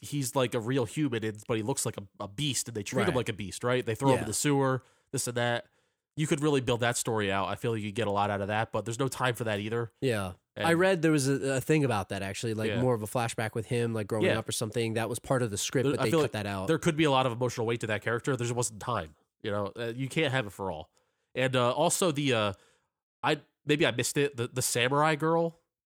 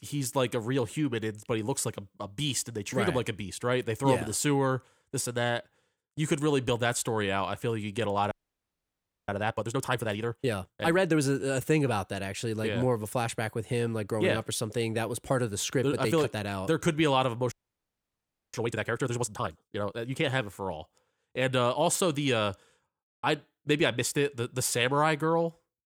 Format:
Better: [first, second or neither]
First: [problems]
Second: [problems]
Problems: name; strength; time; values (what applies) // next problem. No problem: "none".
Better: first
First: none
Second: audio freezing; at 8.5 s for 1 s and at 18 s for 1 s